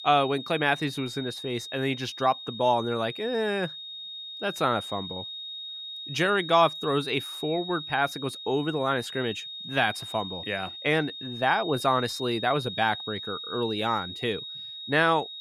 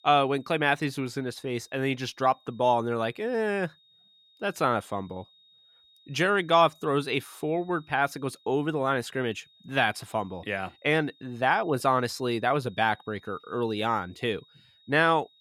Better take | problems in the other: second | high-pitched whine; loud; throughout; 3.5 kHz, 9 dB below the speech; faint in the second

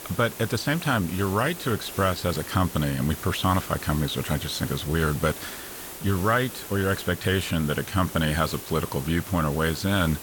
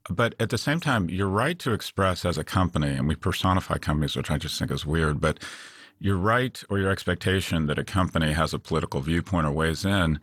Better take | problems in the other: second | hiss; noticeable; throughout; 10 dB below the speech

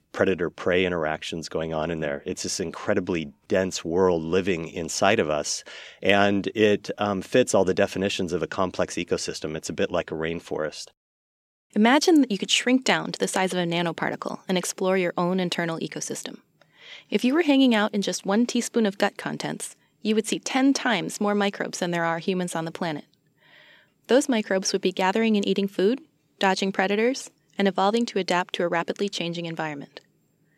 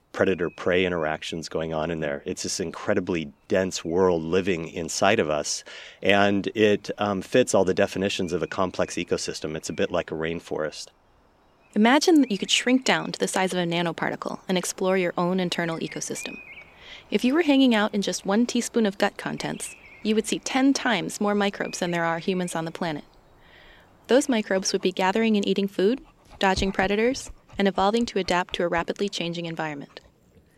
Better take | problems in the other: first | animal sounds; faint; throughout; 25 dB below the speech

